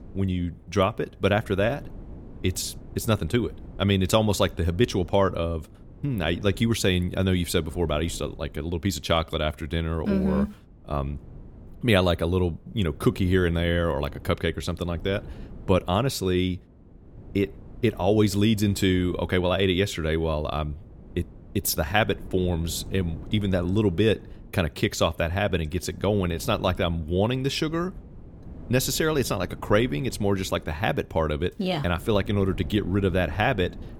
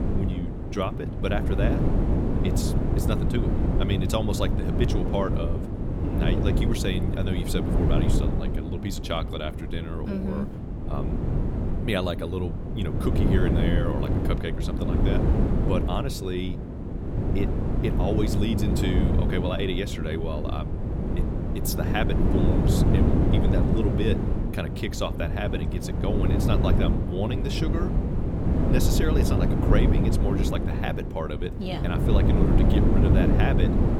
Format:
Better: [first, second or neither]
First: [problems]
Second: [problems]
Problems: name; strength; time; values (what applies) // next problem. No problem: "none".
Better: first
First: wind noise on the microphone; occasional gusts; 25 dB below the speech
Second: wind noise on the microphone; heavy; 1 dB below the speech